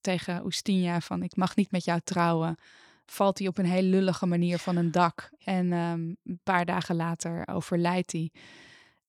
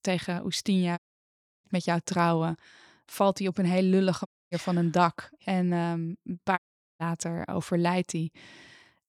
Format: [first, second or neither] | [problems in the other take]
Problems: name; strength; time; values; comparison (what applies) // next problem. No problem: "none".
first | audio cutting out; at 1 s for 0.5 s, at 4.5 s and at 6.5 s